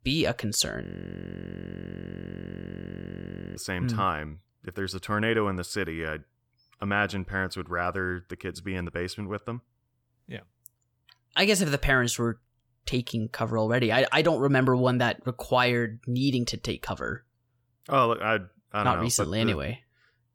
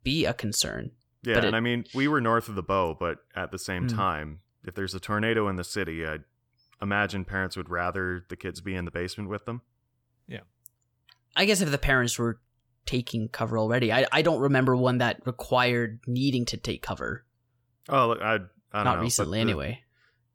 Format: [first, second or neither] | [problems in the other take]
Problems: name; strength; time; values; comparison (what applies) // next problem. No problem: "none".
second | audio freezing; at 1 s for 2.5 s